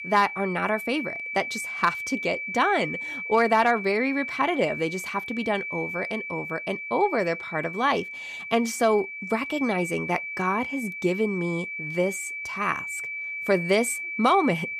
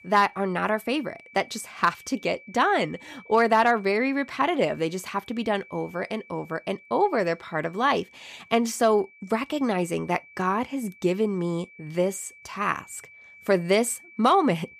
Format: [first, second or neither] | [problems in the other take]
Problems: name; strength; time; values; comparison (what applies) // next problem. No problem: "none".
second | high-pitched whine; loud; throughout; 2.5 kHz, 6 dB below the speech; faint in the second